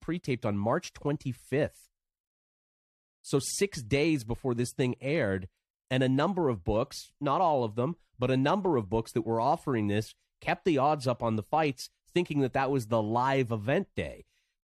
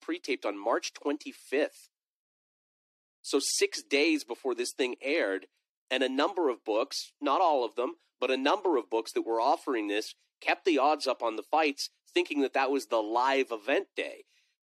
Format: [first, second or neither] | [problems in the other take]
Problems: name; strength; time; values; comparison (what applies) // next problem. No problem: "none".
first | thin; very slightly; fading below 300 Hz